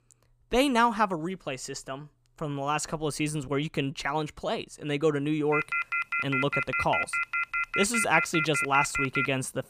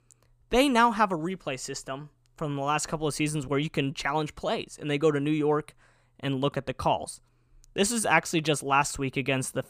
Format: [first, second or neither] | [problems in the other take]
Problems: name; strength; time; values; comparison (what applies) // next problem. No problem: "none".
second | phone ringing; loud; from 5.5 s on; peak 1 dB above the speech